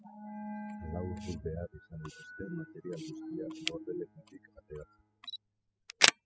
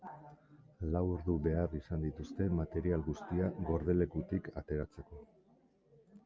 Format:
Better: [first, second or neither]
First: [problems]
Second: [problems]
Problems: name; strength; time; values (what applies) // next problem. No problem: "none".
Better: second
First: noise reduction (classical method spectral subtraction)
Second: none